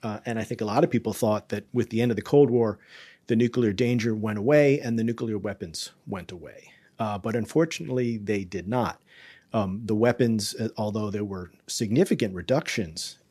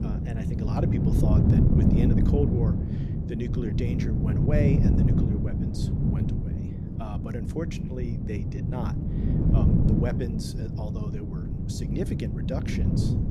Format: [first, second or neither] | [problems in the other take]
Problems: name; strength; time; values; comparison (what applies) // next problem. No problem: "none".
first | wind noise on the microphone; heavy; 2 dB above the speech